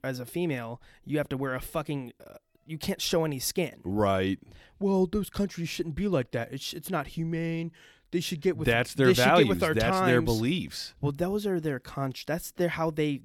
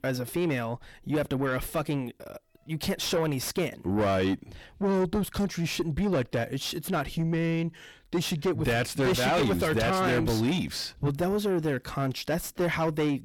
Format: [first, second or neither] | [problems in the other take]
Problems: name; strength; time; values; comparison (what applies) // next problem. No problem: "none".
first | distortion; heavy; 6 dB below the speech